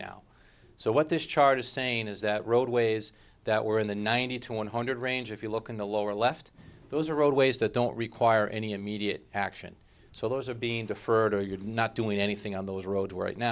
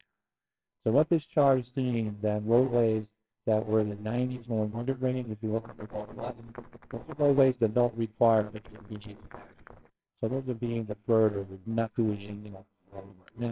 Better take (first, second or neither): first